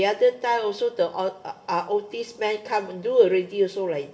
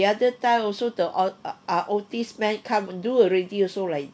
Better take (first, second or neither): second